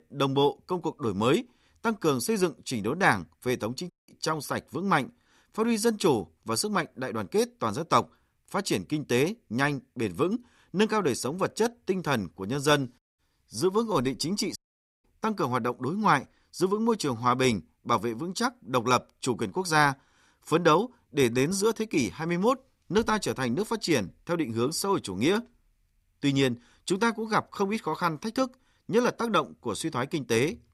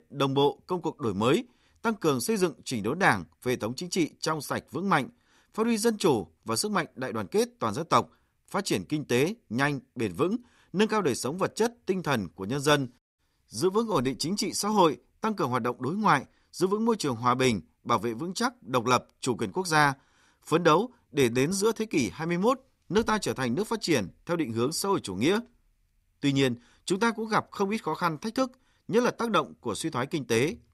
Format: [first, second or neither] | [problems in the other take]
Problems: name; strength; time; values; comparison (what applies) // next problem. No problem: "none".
second | audio cutting out; at 4 s and at 15 s